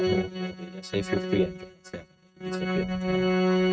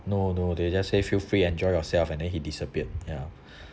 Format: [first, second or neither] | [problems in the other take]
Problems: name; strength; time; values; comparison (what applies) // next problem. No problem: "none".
second | noise reduction (neural mask model RNNoise)